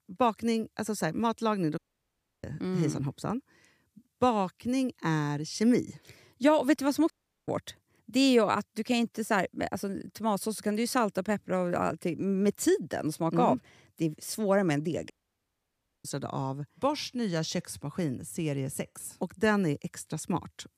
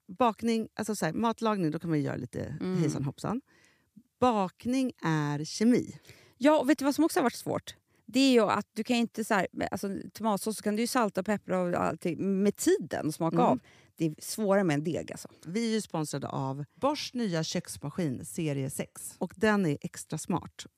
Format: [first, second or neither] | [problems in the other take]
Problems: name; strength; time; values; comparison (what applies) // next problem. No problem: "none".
second | audio cutting out; at 2 s for 0.5 s, at 7 s and at 15 s for 1 s